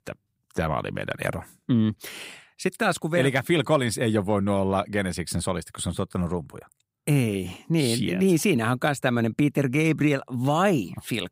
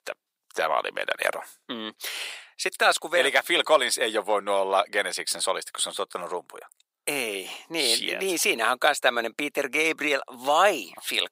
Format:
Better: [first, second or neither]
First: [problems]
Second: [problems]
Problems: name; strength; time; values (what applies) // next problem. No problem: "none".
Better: first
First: none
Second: thin; very; fading below 550 Hz